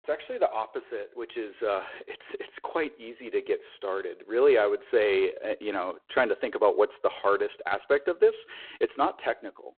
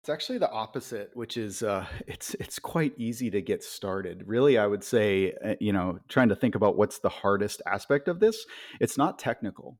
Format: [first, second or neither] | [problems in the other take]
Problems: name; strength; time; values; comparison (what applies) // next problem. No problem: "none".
second | phone-call audio; poor line; nothing above 3.5 kHz